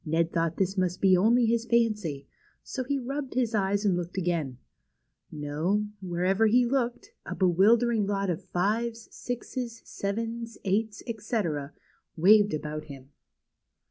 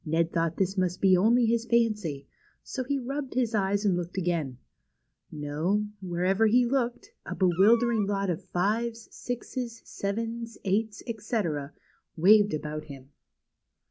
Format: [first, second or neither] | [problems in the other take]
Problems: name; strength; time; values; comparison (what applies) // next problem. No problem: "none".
first | background sound (Meow); 19 dB below the speech